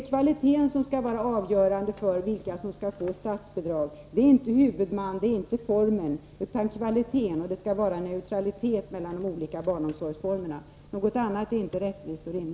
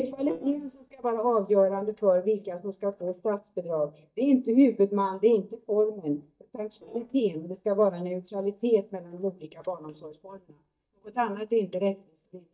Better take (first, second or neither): first